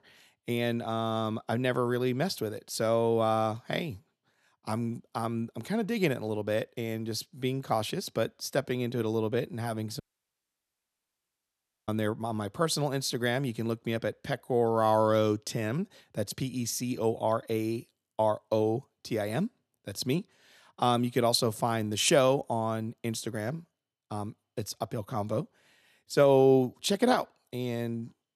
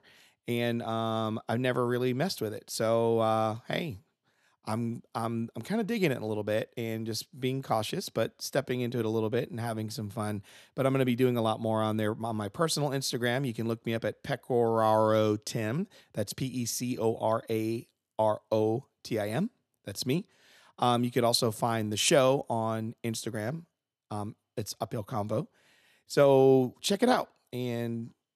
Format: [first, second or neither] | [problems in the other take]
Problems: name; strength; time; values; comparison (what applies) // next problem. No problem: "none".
second | audio cutting out; at 10 s for 2 s